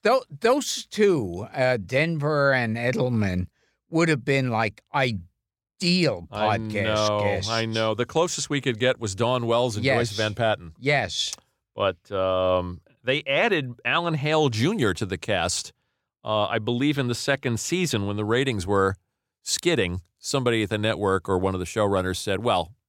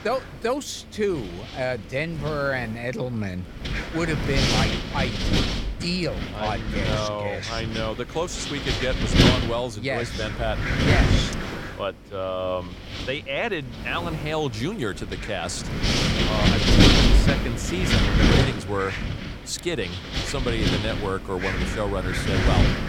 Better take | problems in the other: first | wind noise on the microphone; heavy; 2 dB above the speech

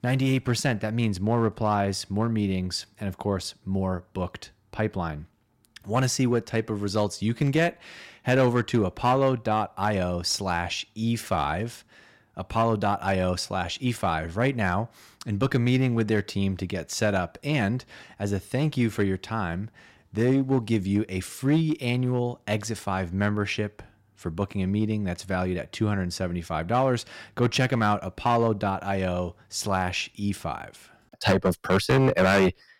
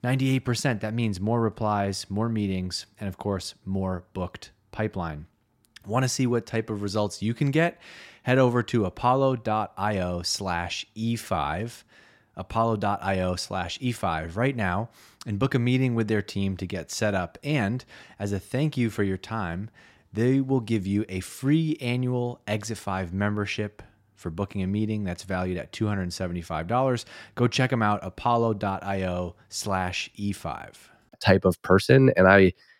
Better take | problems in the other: second | distortion; slight; 4% of the sound clipped

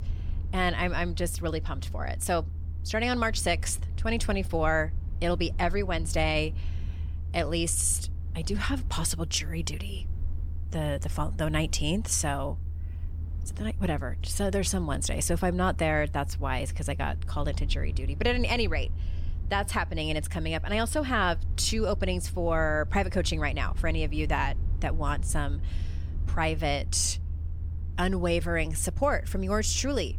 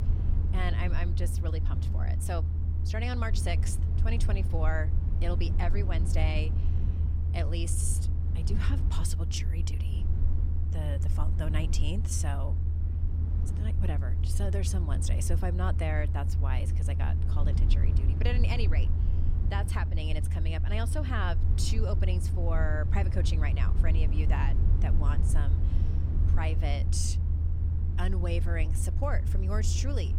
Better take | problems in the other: first | low rumble; loud; throughout; 7 dB below the speech; faint in the first

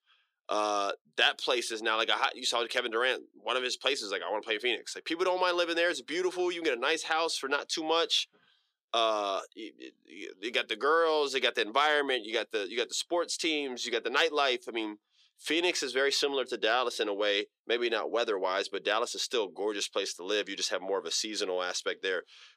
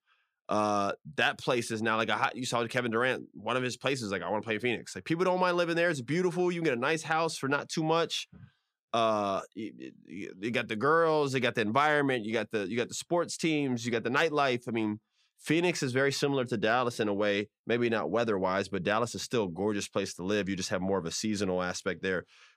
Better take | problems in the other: second | thin; somewhat; fading below 350 Hz

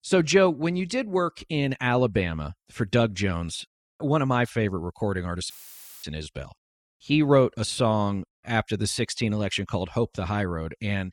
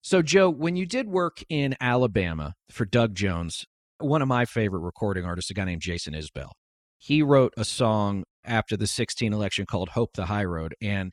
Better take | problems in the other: second | audio cutting out; filled with static; at 5.5 s for 0.5 s

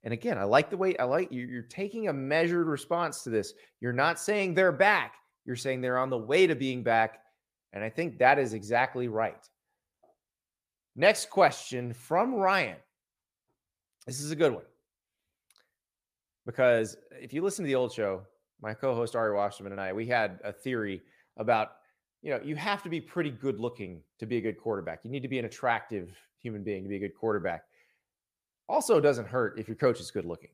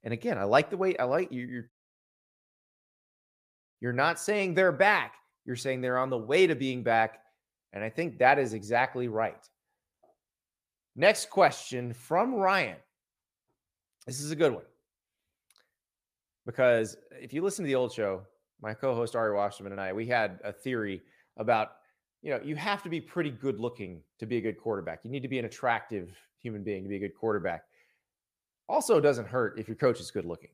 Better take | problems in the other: first | audio cutting out; at 1.5 s for 2 s

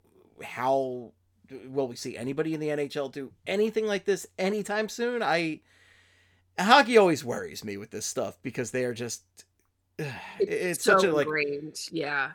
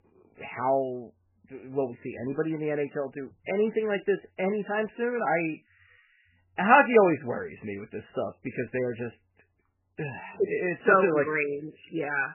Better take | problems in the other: first | garbled, watery; badly; nothing above 3 kHz

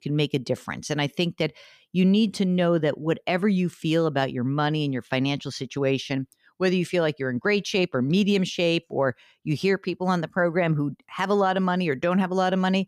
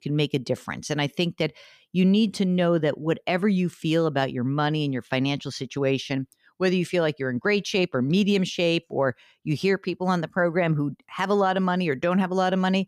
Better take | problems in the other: neither | none

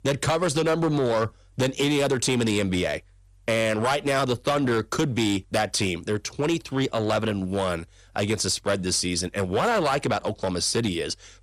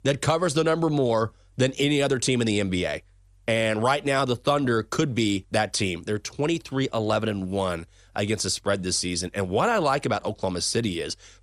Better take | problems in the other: second | distortion; slight; 9% of the sound clipped

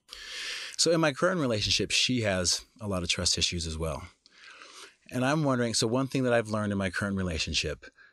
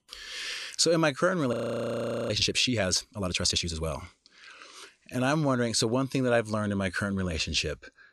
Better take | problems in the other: first | audio freezing; at 1.5 s for 1 s

